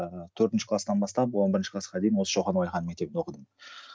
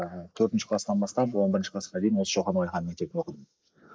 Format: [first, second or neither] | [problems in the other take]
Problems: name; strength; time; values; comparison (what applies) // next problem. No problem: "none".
first | noise reduction (neural mask model Resemble Enhance denoiser)